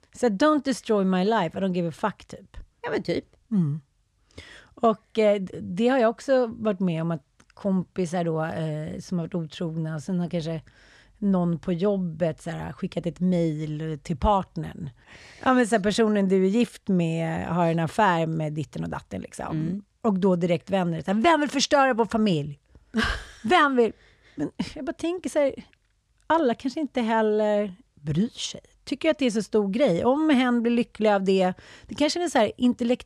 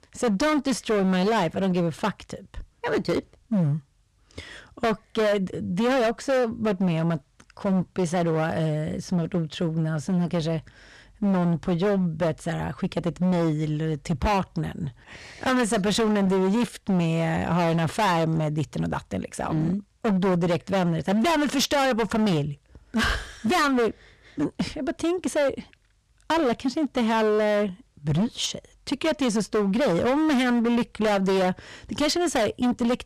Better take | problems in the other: first | distortion; heavy; 19% of the sound clipped

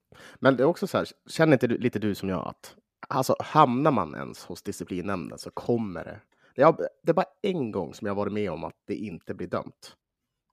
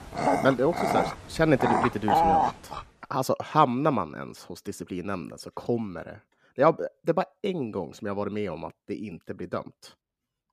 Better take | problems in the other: first | animal sounds; very loud; until 2.5 s; 2 dB above the speech

